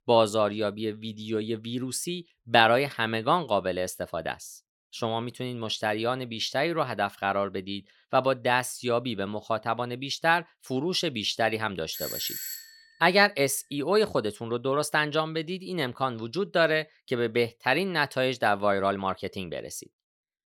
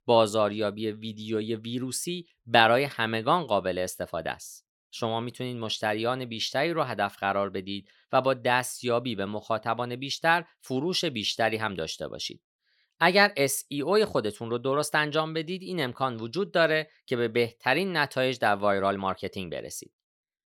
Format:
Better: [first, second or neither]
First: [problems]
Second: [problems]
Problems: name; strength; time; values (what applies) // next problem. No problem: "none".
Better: second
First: doorbell; noticeable; at 12 s; peak 5 dB below the speech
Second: none